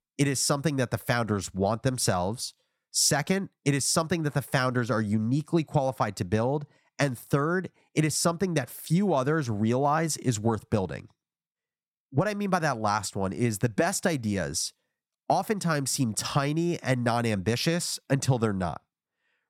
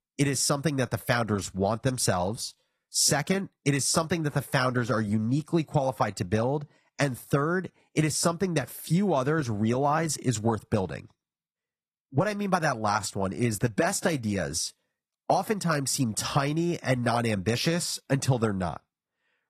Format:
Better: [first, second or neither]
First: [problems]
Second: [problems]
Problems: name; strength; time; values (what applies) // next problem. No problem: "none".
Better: first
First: none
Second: garbled, watery; slightly; nothing above 13.5 kHz